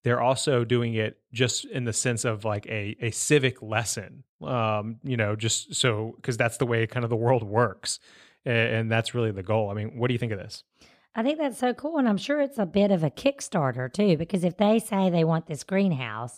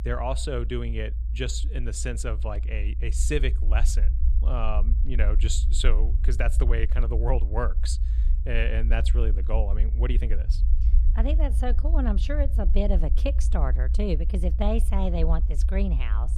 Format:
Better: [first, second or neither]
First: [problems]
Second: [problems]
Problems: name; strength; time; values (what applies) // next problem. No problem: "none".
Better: first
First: none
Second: low rumble; noticeable; throughout; 15 dB below the speech